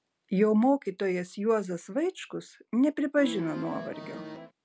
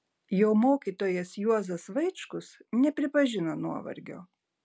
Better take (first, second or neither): second